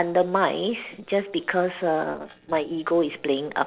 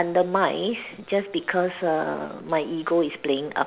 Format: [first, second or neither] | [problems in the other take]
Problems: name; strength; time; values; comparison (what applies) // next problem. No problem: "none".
second | noise reduction (neural separator model SepFormer DNS4)